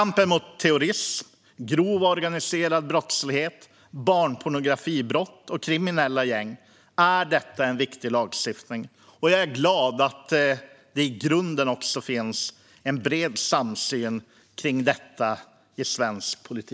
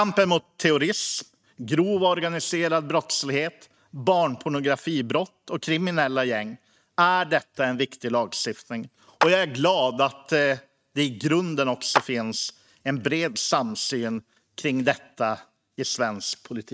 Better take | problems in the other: first | noise reduction (neural mask model RNNoise)

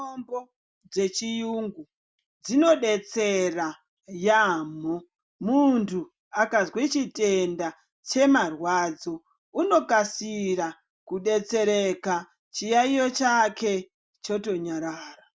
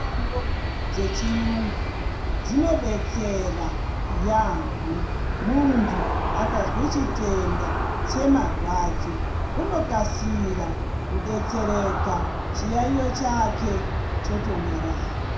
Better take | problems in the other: first | background sound (Aircraft); 1 dB above the speech // room echo; dies away in 0.5 s

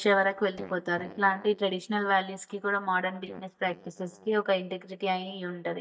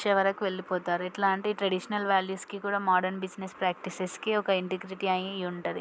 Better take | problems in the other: second | noise reduction (neural mask model DeepFilterNet 3)

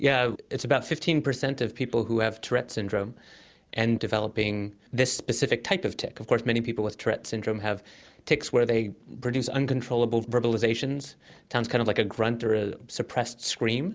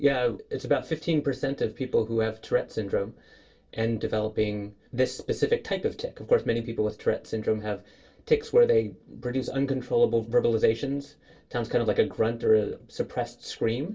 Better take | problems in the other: first | room echo; dies away in 0.2 s

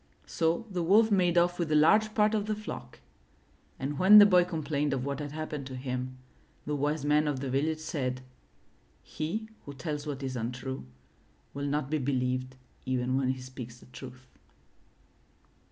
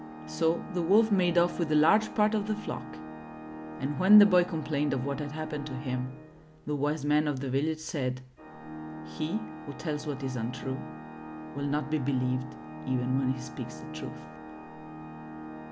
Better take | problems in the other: first | background sound (Organ); 12 dB below the speech

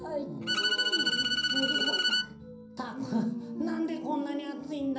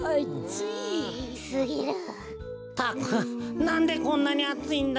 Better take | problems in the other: second | background sound (Bowed string instrument); 4 dB above the speech // room echo; dies away in 0.6 s

